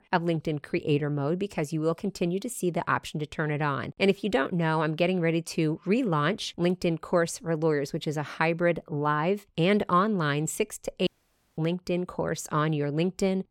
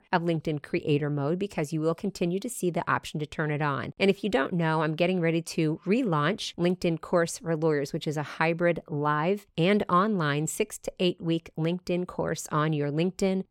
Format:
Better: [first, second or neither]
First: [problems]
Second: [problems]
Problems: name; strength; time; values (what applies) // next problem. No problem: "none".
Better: second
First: audio cutting out; at 11 s for 0.5 s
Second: none